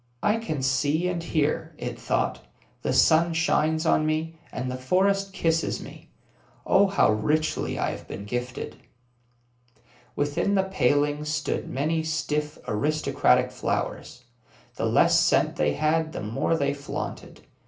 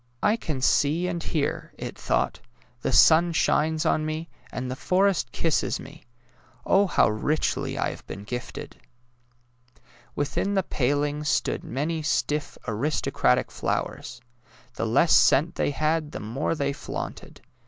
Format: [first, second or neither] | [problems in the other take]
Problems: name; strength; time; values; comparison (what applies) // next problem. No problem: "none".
second | room echo; dies away in 0.3 s